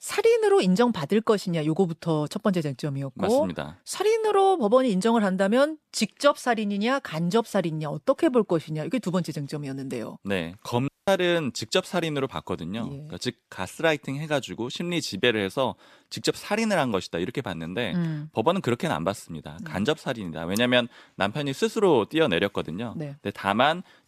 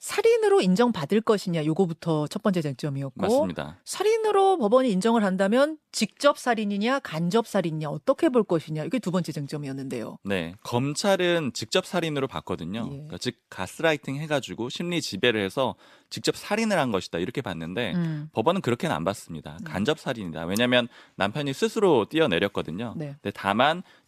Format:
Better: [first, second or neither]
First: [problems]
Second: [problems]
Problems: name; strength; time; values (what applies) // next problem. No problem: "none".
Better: second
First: audio cutting out; at 11 s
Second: none